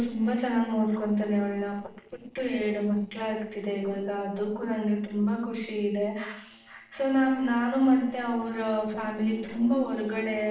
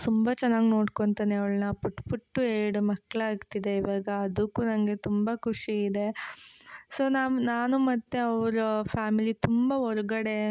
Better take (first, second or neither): second